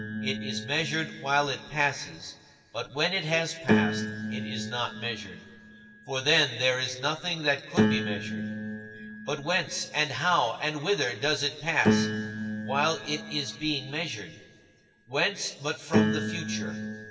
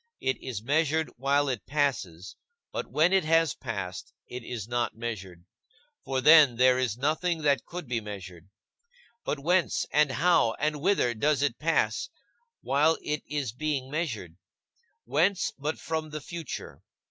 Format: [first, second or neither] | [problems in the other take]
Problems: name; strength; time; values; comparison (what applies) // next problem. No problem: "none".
second | background sound (Piano); 2 dB below the speech // room echo; dies away in 1.9 s